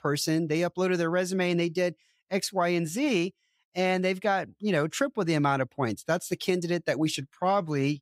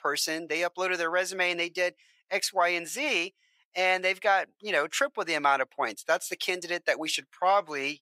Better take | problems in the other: first | thin; very; fading below 700 Hz

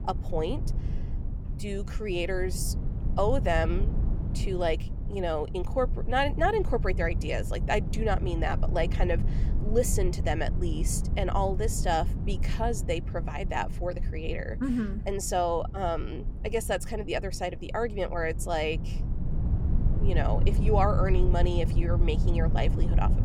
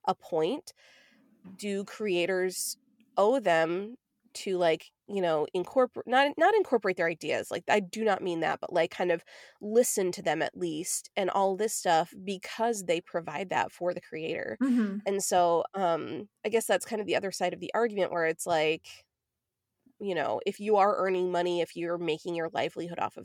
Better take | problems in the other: second | low rumble; noticeable; throughout; 15 dB below the speech

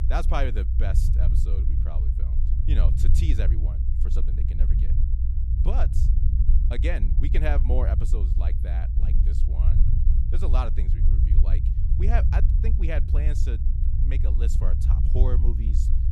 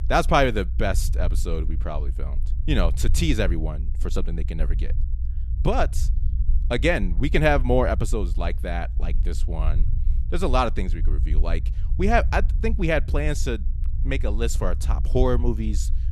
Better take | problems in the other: second | low rumble; loud; throughout; 6 dB below the speech; faint in the second

